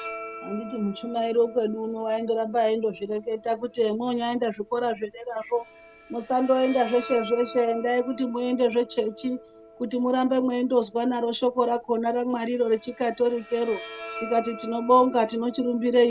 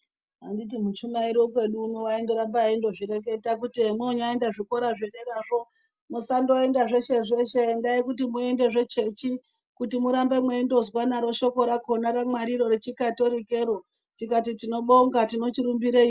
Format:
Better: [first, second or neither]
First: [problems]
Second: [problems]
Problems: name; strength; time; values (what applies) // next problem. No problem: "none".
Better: second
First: background sound (Bowed string instrument); 17 dB below the speech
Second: none